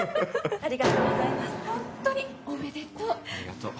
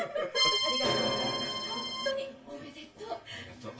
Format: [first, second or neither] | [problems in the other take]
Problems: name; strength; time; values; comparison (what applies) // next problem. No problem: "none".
first | background sound (Accordion); 5 dB above the speech // room echo; dies away in 0.2 s